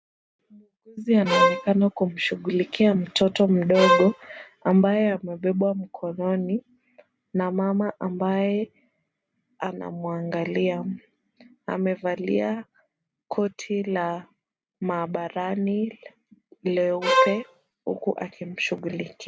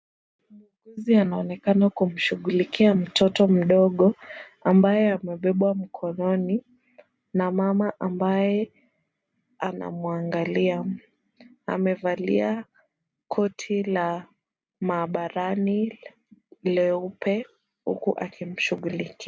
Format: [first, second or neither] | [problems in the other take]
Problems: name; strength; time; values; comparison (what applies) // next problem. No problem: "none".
second | background sound (Bowed string instrument); 3 dB above the speech